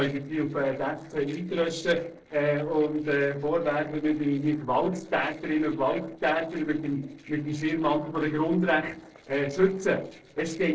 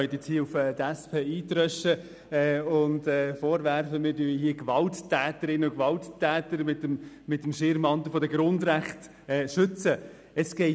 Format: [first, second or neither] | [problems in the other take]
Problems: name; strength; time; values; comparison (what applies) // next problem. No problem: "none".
second | noise reduction (neural separator model SepFormer DNS4)